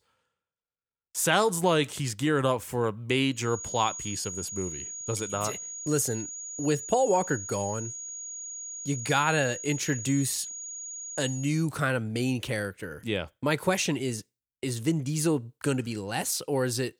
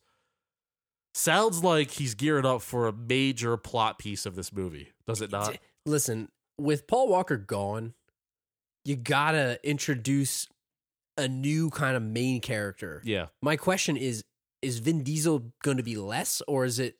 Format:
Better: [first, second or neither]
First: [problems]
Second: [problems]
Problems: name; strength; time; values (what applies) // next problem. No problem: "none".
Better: second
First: high-pitched whine; loud; from 3.5 to 11 s; 6.5 kHz, 7 dB below the speech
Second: none